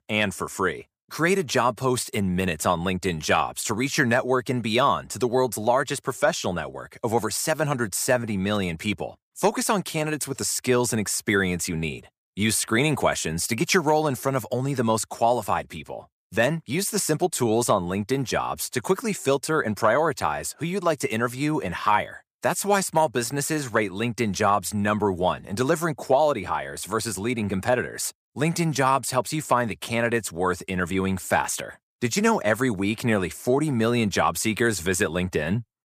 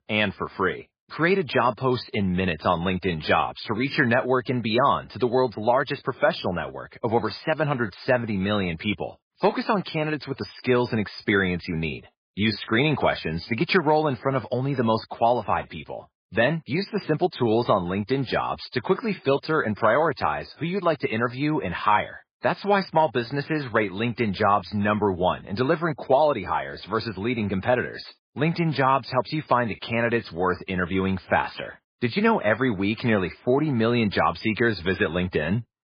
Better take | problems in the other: first | garbled, watery; badly; nothing above 5 kHz

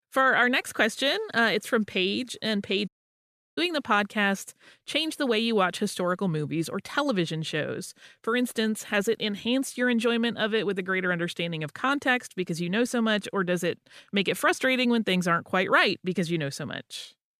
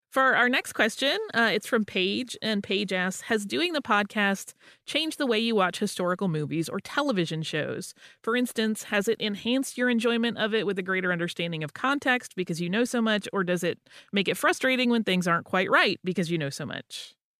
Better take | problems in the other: second | audio cutting out; at 3 s for 0.5 s

